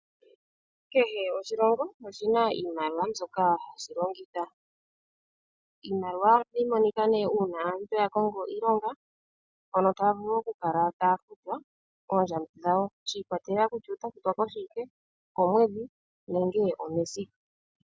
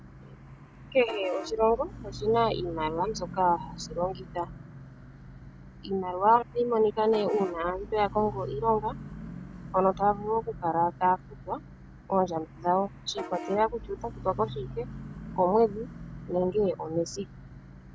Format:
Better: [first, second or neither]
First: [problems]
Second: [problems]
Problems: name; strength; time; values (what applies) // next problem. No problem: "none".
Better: first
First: none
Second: background sound (Bus / Vehicle horn, car horn, honking); 13 dB below the speech